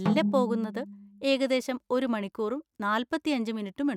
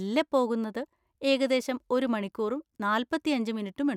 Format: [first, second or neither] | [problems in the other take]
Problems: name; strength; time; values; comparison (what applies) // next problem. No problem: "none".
second | noise reduction (neural mask model RNNoise)